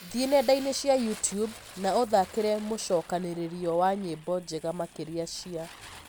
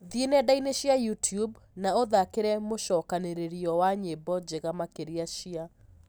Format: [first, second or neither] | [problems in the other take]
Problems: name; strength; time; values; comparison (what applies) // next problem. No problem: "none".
second | background sound (Fire); 19 dB below the speech